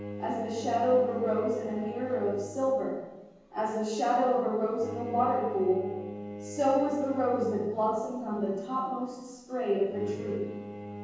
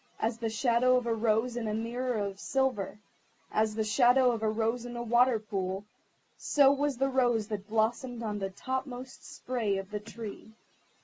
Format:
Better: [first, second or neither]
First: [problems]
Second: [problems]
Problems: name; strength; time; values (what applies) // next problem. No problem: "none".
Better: second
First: background sound (Bowed string instrument); 13 dB below the speech // room echo; dies away in 1.3 s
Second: none